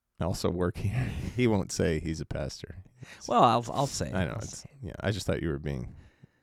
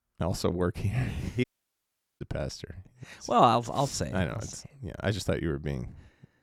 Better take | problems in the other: first | audio cutting out; at 1.5 s for 1 s

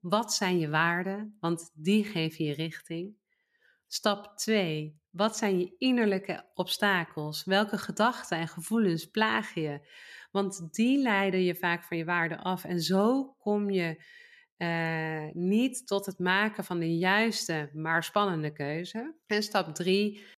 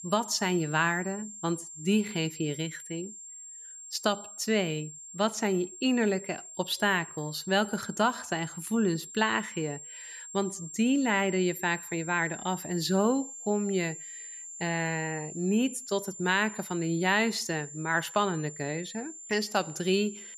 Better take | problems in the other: first | high-pitched whine; noticeable; throughout; 7.5 kHz, 10 dB below the speech

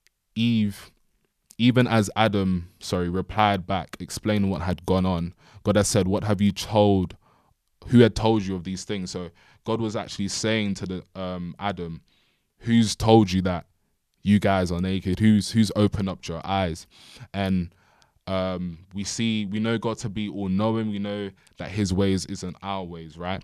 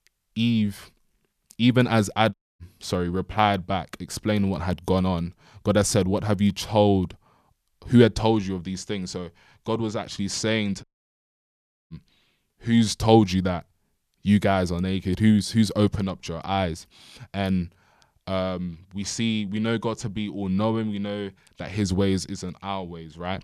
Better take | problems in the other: first | audio cutting out; at 2.5 s and at 11 s for 1 s

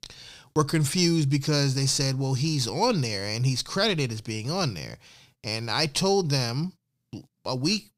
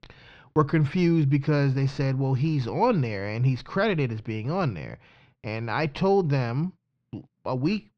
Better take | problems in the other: first | muffled; very; fading above 2.5 kHz

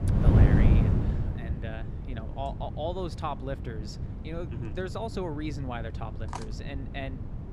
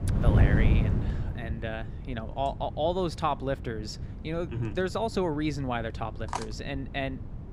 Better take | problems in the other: second | wind noise on the microphone; heavy; 2 dB below the speech; occasional gusts in the second

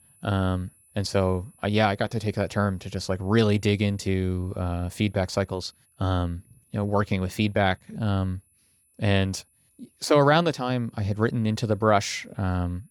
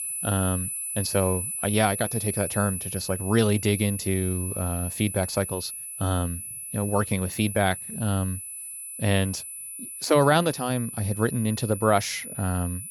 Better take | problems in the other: first | high-pitched whine; loud; throughout; 10 kHz, 6 dB below the speech; faint in the first

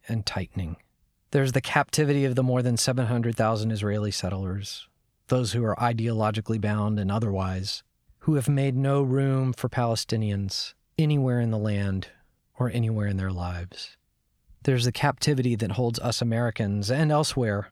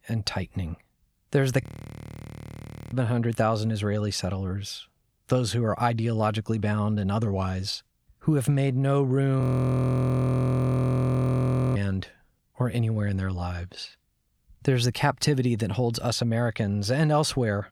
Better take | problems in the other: first | audio freezing; at 1.5 s for 1.5 s and at 9.5 s for 2.5 s

